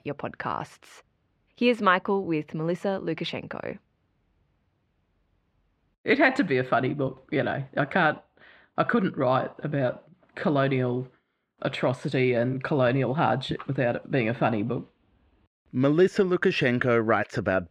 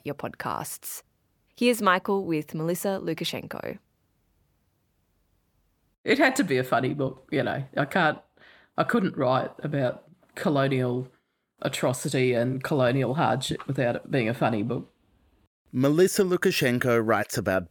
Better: second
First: muffled; slightly; fading above 3 kHz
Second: none

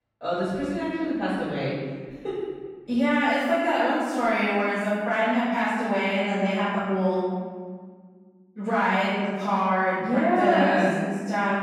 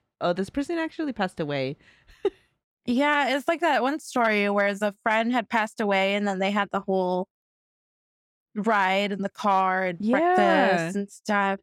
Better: second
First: off-mic speech; far // room echo; strong; dies away in 1.5 s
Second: none

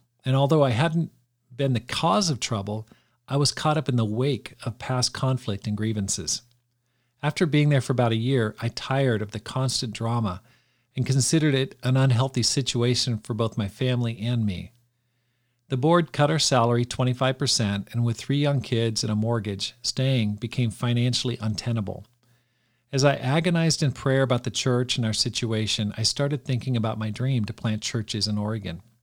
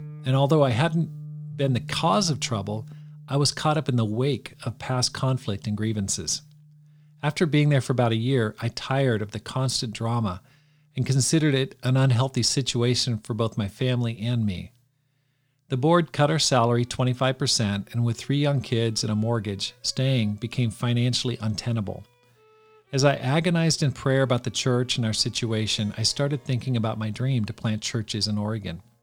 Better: first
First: none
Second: background music; faint; throughout; 20 dB below the speech

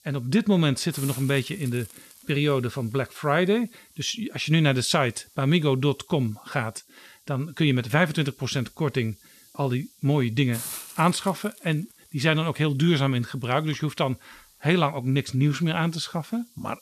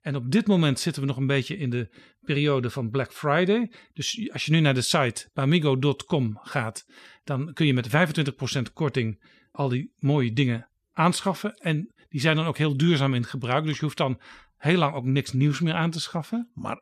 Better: second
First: hiss; noticeable; throughout; 20 dB below the speech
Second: none

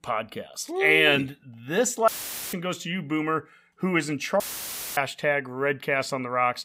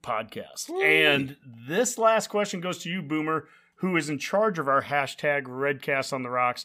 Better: second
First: audio cutting out; filled with static; at 2 s and at 4.5 s for 0.5 s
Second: none

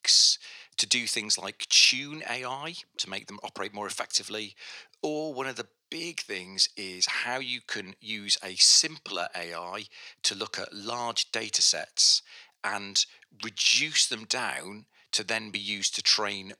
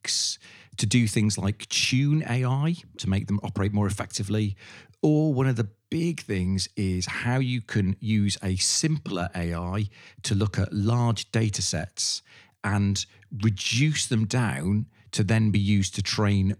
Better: second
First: thin; very; fading below 650 Hz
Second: none

